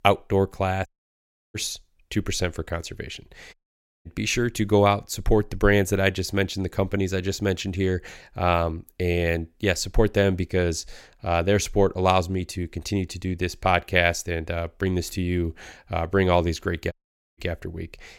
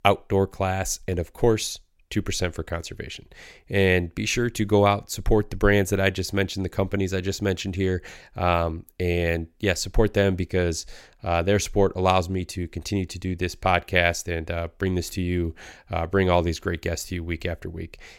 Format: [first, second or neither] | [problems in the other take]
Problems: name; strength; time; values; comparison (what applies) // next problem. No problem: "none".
second | audio cutting out; at 1 s for 0.5 s, at 3.5 s for 0.5 s and at 17 s